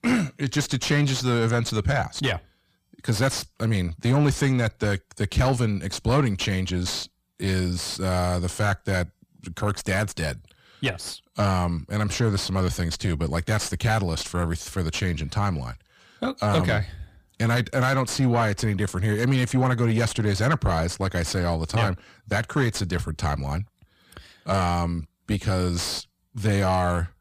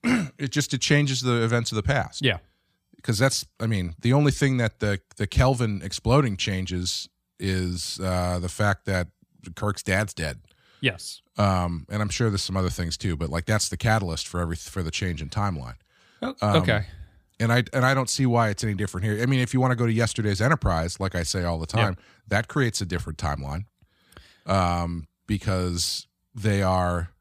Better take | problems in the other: second | distortion; slight; 10 dB below the speech

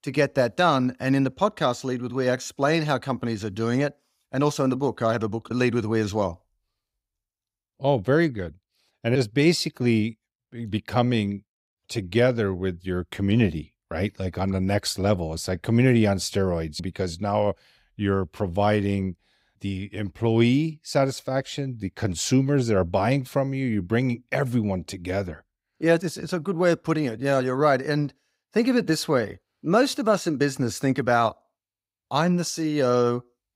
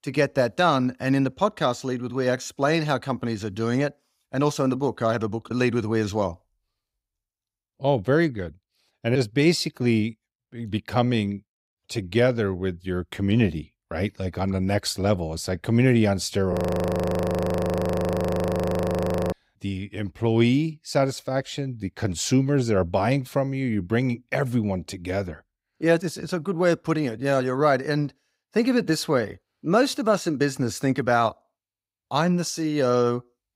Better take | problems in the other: first | audio freezing; at 17 s for 3 s

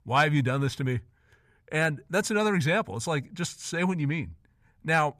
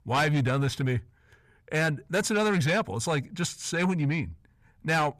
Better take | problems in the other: first | distortion; slight; 10 dB below the speech

